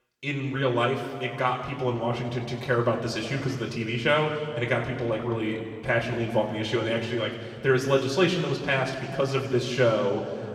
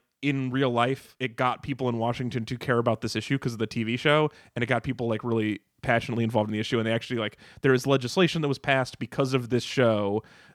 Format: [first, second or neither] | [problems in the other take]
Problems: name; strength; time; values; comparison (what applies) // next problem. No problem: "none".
second | room echo; noticeable; dies away in 2.2 s // off-mic speech; somewhat distant